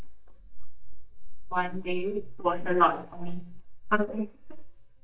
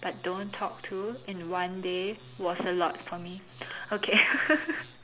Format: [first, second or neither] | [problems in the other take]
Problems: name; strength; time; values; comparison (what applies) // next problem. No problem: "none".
second | noise reduction (neural mask model DeepFilterNet 3)